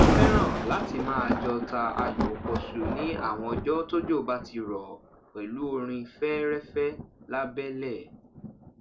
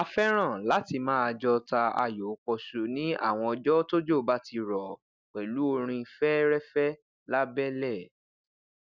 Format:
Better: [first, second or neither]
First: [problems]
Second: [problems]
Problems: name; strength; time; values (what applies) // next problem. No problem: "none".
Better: second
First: background sound (Thunder); 1 dB above the speech // room echo; dies away in 0.3 s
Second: none